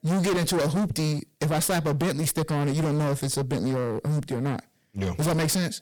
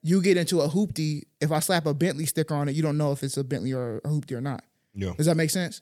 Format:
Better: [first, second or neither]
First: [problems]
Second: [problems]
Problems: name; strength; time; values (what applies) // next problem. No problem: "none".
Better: second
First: distortion; heavy; 29% of the sound clipped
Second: none